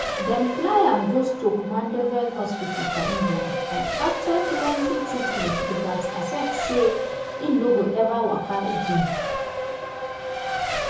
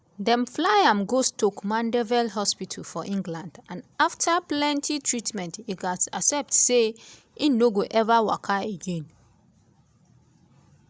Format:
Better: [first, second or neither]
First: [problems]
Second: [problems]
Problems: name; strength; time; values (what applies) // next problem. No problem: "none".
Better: second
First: background sound (Race car, auto racing); 3 dB below the speech // room echo; dies away in 0.7 s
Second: none